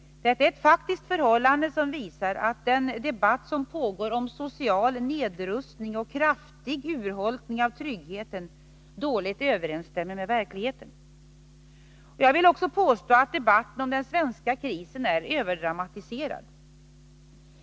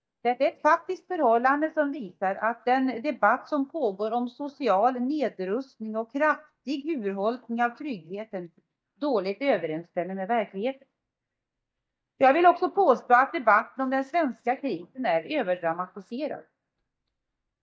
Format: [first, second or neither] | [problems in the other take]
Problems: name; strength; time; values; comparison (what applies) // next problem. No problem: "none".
first | noise reduction (neural mask model DeepFilterNet 3)